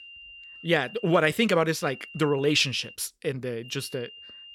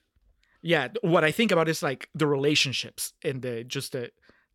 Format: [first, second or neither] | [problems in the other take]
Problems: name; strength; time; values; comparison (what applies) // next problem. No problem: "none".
second | high-pitched whine; noticeable; until 1 s, from 2 to 3 s and at 3.5 s; 3 kHz, 20 dB below the speech